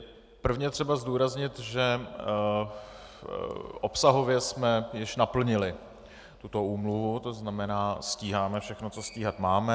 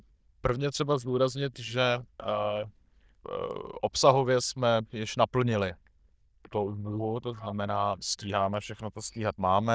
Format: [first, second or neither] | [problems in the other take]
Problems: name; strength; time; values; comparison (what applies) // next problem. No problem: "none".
first | noise reduction (neural diffusion model UNIVERSE++)